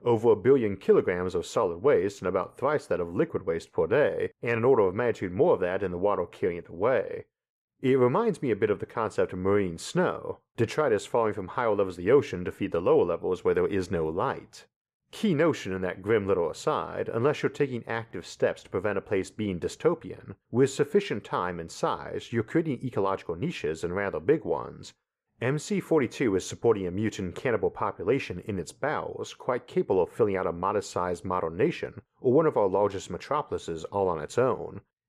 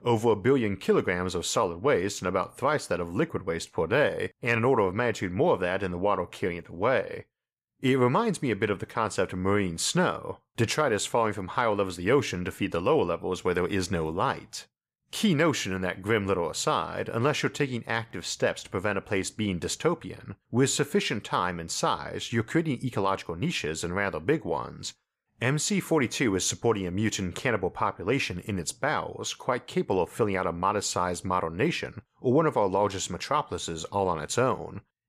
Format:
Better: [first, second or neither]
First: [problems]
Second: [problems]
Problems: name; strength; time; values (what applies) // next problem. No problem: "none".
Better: second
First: muffled; slightly; fading above 2.5 kHz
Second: none